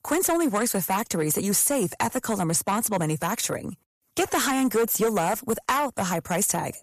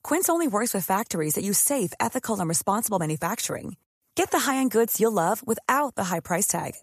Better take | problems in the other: second | distortion; slight; 8% of the sound clipped

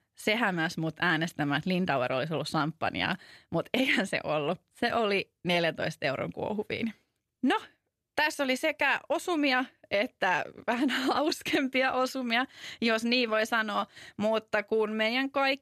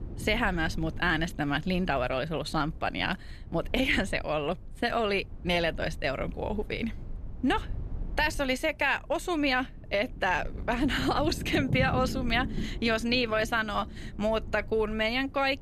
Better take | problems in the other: first | low rumble; faint; throughout; 20 dB below the speech

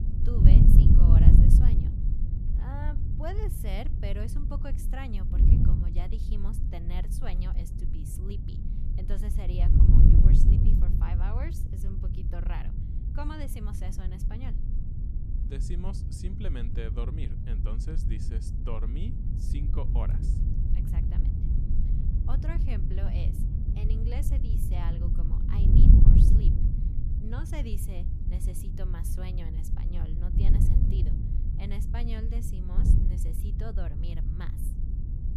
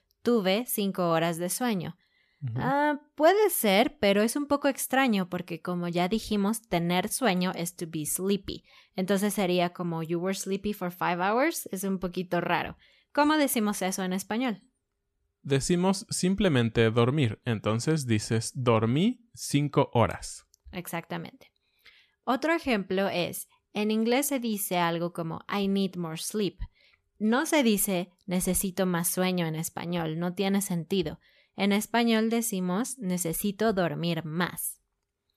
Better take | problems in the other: second | wind noise on the microphone; heavy; 3 dB above the speech

